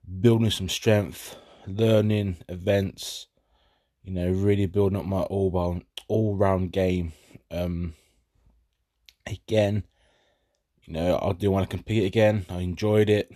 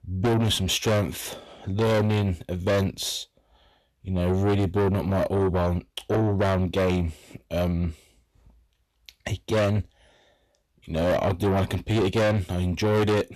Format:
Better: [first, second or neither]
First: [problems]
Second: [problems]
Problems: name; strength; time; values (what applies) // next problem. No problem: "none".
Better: first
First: none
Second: distortion; heavy; 6 dB below the speech